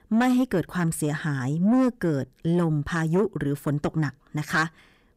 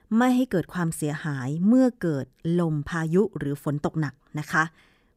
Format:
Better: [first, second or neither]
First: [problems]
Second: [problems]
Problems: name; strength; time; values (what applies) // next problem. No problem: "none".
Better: second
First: distortion; slight; 10 dB below the speech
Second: none